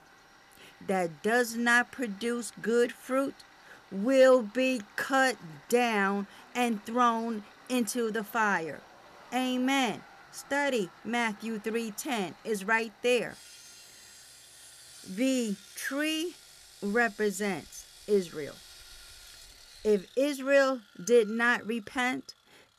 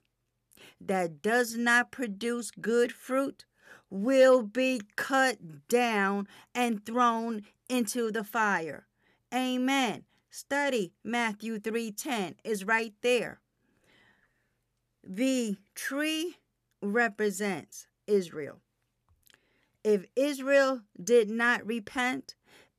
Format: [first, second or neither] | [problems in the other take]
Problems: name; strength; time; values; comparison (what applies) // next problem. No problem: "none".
second | machinery noise; faint; throughout; 25 dB below the speech